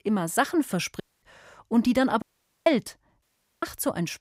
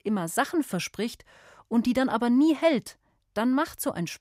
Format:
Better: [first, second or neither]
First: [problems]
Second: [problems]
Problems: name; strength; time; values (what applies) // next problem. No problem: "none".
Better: second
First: audio cutting out; at 1 s, at 2 s and at 3 s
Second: none